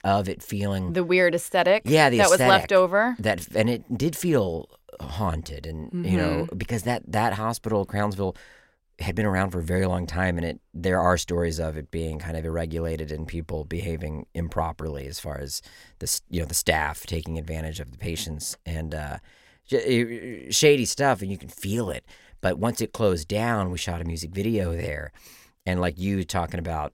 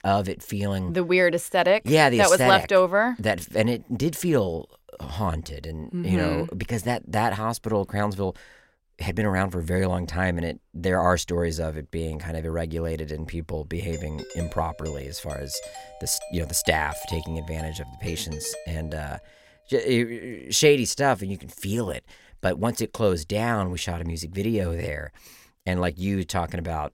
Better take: first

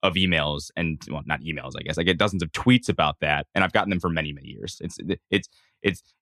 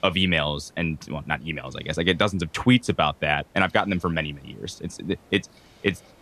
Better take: first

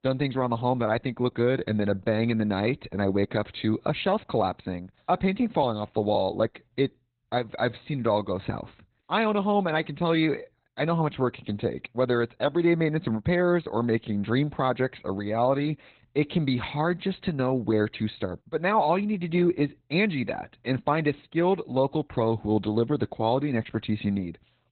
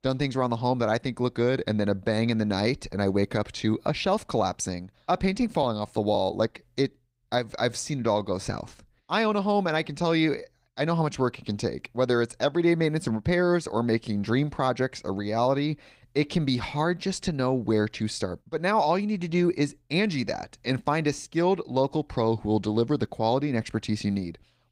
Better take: second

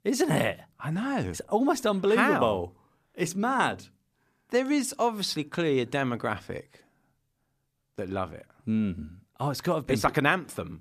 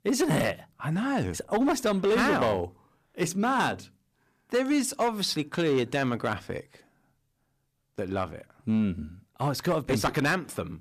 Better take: first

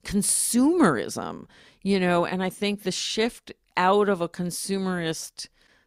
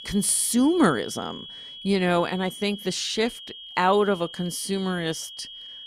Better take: first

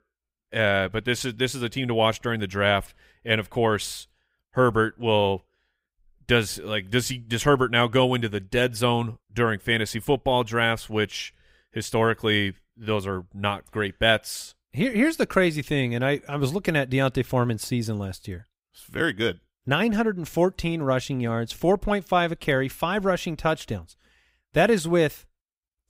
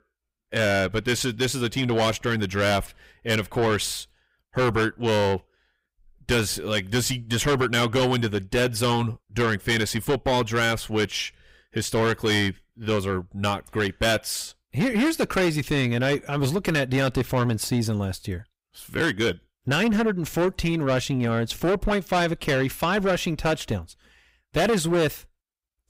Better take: first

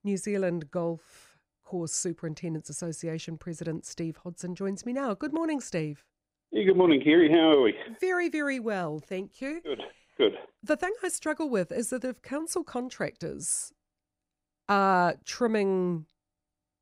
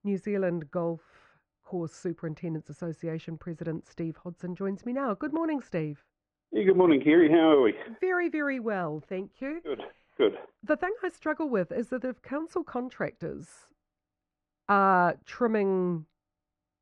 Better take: first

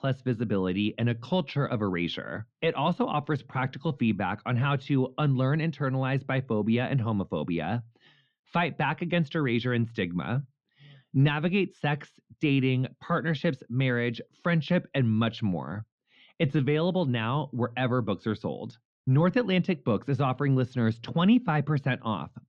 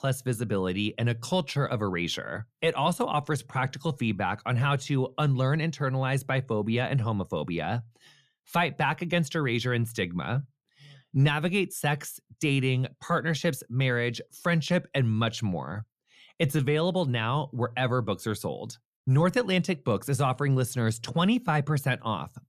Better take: second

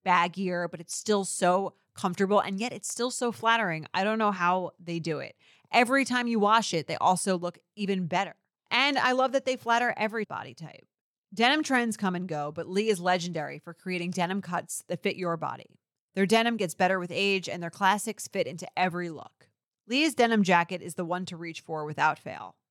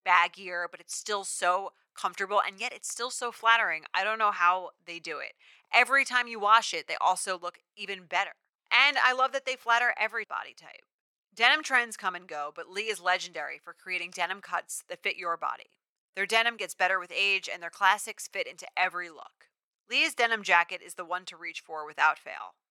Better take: first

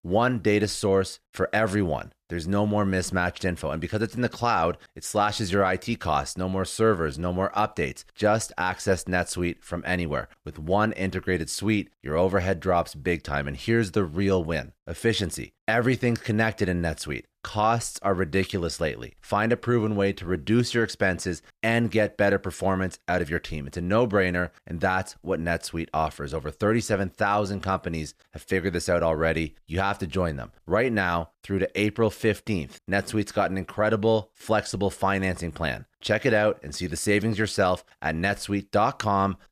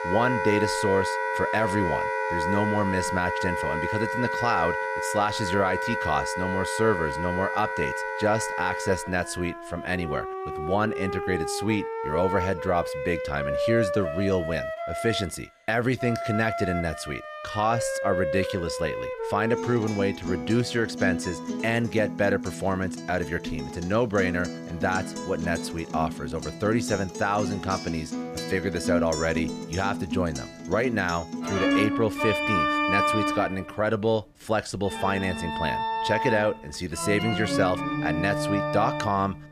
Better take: first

